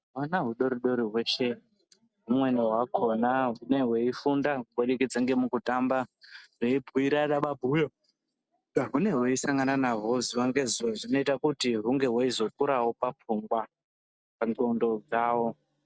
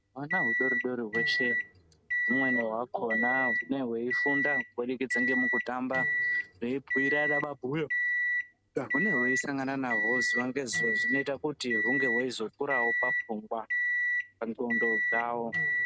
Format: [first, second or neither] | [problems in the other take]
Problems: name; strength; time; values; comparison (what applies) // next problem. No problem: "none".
first | background sound (Microwave oven); 2 dB above the speech